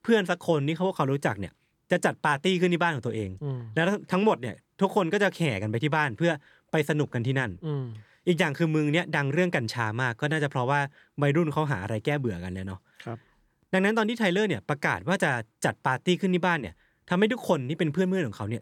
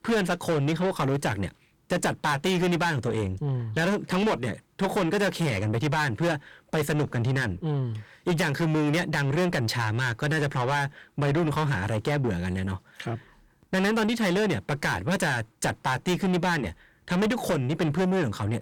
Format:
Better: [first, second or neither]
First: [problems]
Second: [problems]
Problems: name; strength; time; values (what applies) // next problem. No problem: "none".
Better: first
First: none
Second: distortion; heavy; 6 dB below the speech